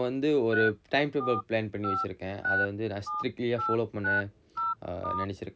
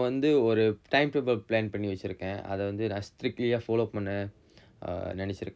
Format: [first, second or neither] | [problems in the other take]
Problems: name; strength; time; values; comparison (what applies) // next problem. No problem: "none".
second | background sound (Telephone); 3 dB below the speech